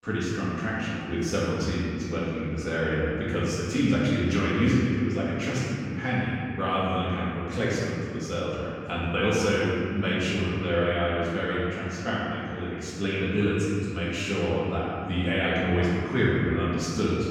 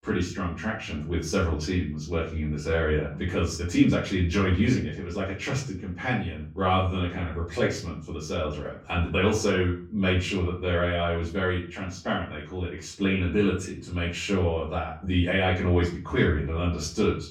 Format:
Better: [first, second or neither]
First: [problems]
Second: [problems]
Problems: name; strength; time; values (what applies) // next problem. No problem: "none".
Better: second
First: room echo; strong; dies away in 2.6 s // off-mic speech; far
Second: room echo; slight; dies away in 0.4 s // off-mic speech; far